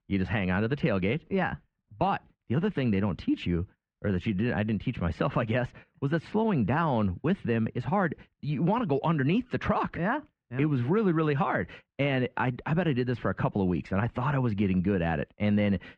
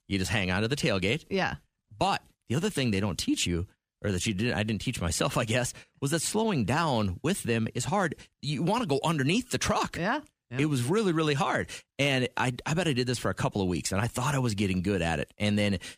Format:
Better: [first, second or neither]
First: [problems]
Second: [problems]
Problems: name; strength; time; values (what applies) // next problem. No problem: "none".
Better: second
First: muffled; very; fading above 2 kHz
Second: none